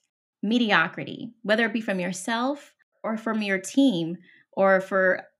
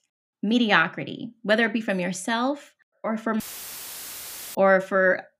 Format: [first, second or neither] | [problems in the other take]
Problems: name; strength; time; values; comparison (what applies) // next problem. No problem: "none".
first | audio cutting out; filled with static; at 3.5 s for 1 s